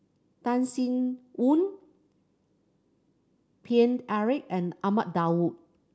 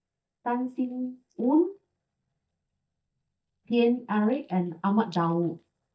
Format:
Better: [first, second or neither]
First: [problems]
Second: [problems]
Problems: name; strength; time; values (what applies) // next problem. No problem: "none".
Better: first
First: none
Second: noise reduction (neural mask model DeepFilterNet 3)